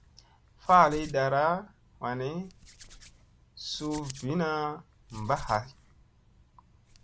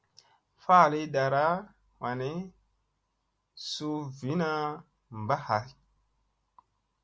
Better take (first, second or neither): second